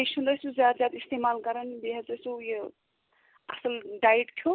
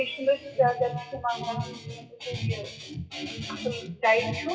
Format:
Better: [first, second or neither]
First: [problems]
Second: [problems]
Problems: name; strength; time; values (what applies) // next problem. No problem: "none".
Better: first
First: none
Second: noise reduction (classical method WPE with log-MMSE)